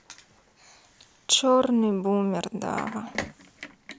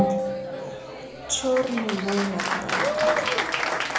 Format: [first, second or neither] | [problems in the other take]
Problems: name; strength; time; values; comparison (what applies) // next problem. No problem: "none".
first | background sound (Applause); 3 dB above the speech // room echo; dies away in 1 s